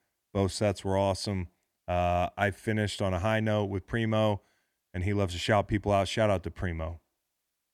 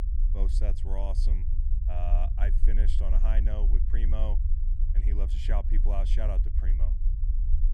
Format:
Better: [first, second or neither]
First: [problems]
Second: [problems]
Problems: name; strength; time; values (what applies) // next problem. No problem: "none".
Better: first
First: none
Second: low rumble; loud; throughout; 8 dB below the speech